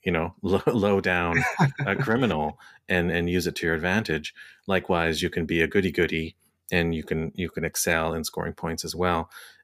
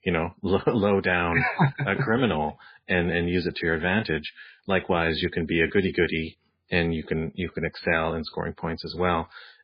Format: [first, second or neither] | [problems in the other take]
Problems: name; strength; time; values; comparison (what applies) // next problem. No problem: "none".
first | garbled, watery; badly; nothing above 4.5 kHz